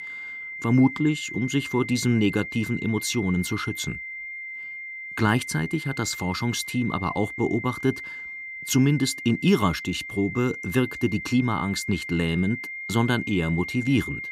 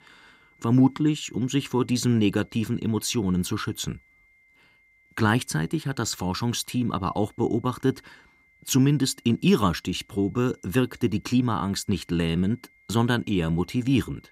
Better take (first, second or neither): second